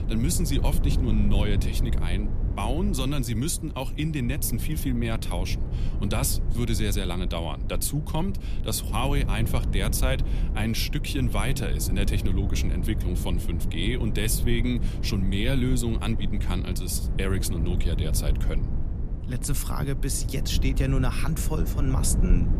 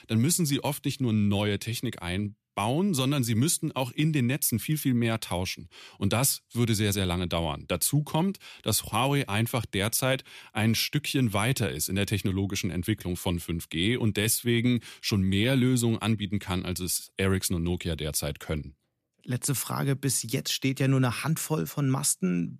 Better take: second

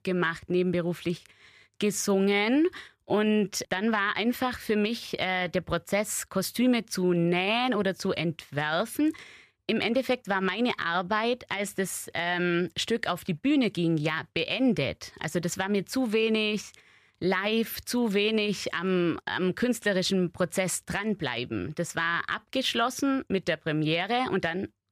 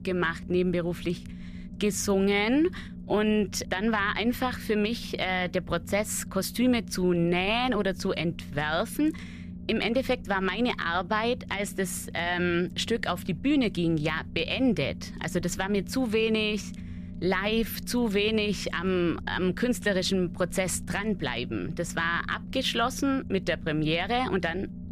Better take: first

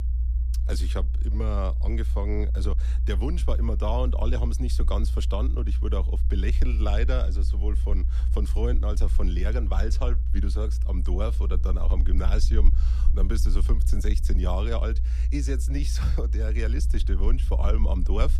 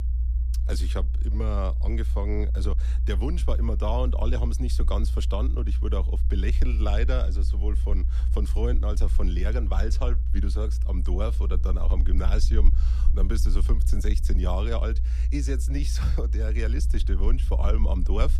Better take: neither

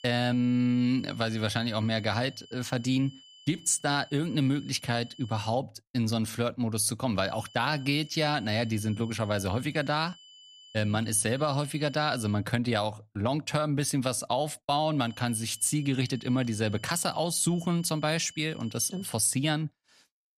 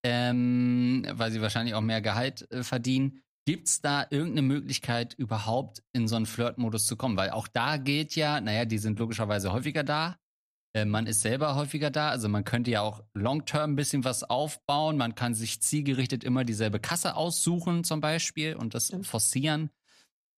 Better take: second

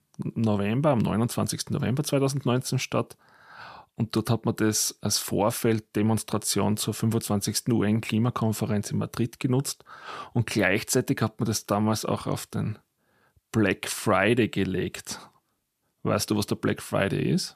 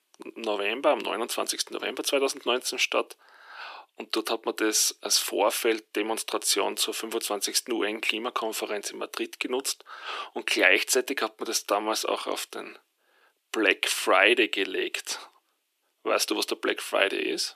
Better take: first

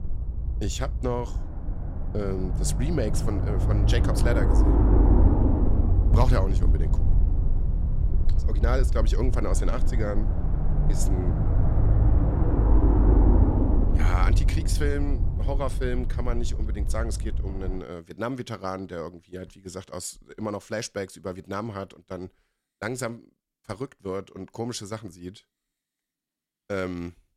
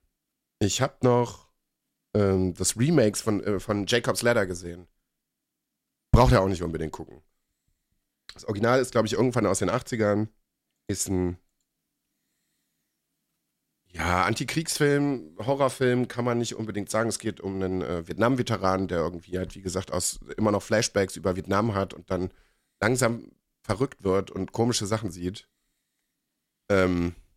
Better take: second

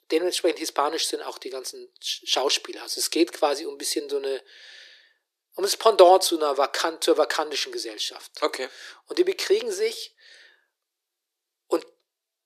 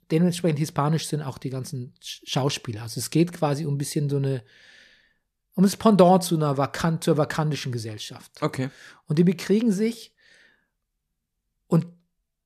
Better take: second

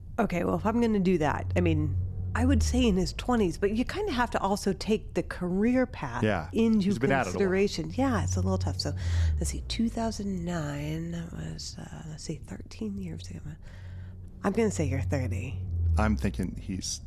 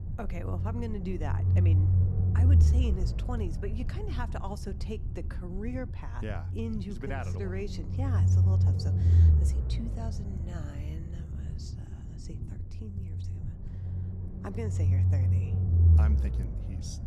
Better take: first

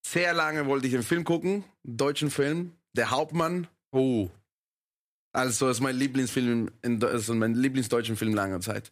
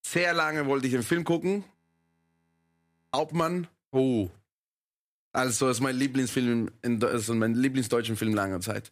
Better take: first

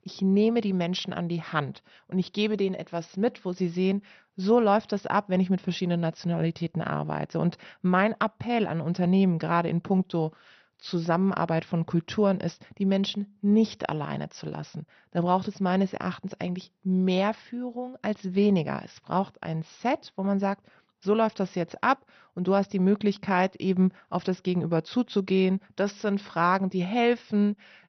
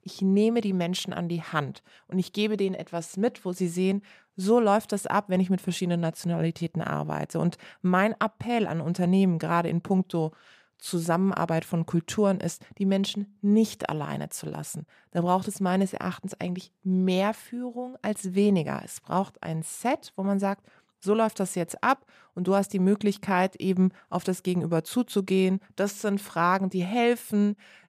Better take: second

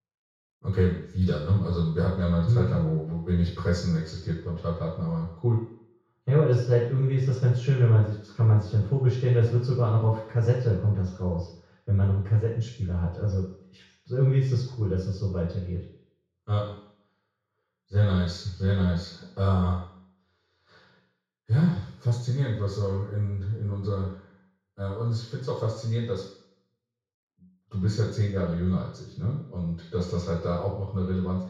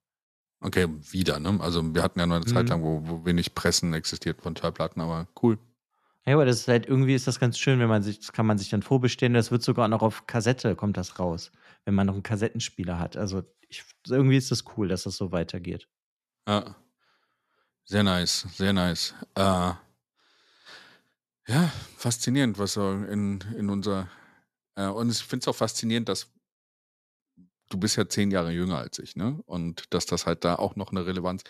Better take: second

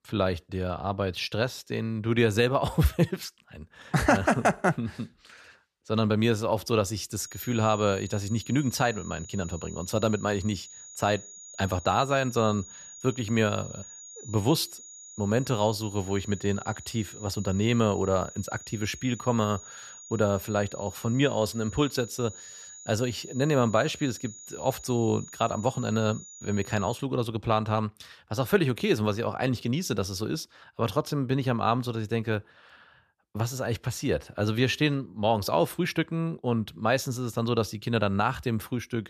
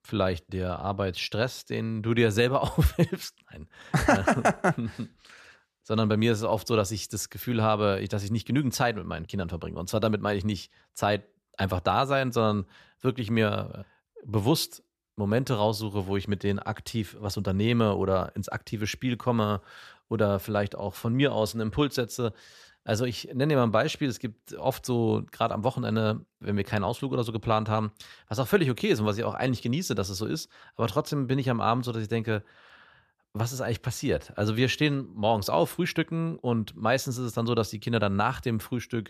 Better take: second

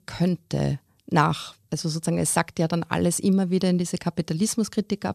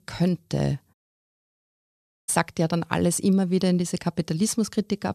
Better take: first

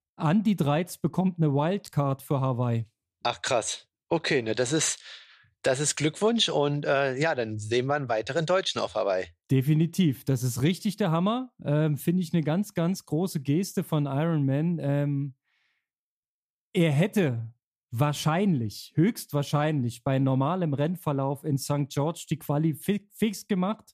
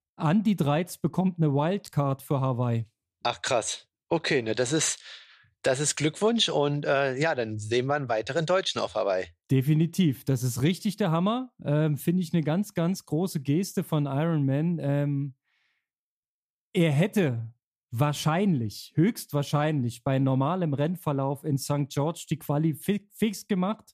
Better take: neither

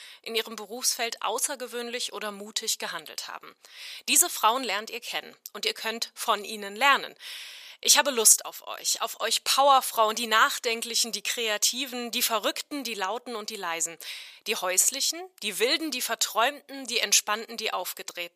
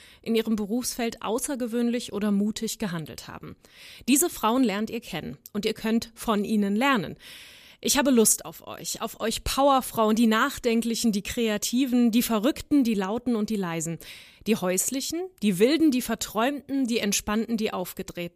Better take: second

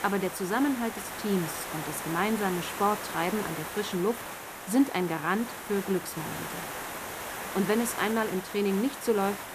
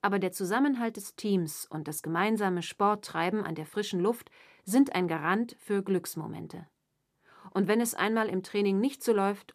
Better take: second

